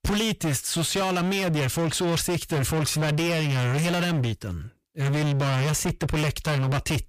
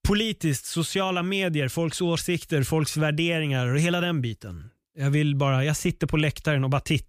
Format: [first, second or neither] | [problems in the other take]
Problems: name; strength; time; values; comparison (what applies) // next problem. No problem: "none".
second | distortion; heavy; 38% of the sound clipped